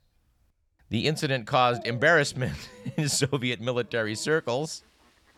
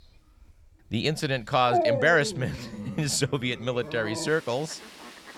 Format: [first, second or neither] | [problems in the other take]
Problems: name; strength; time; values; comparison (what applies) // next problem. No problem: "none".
first | animal sounds; loud; throughout; 6 dB below the speech; faint in the first